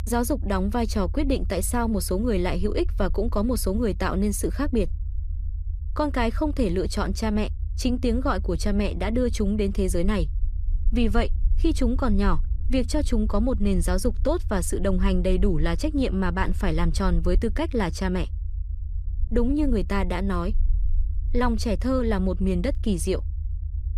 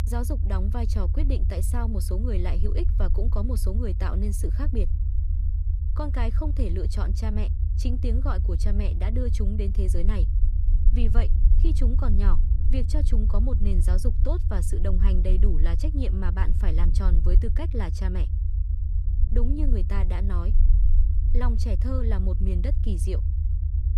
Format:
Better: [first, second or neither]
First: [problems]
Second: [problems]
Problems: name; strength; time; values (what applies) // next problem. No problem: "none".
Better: first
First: low rumble; faint; throughout; 20 dB below the speech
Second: low rumble; loud; throughout; 7 dB below the speech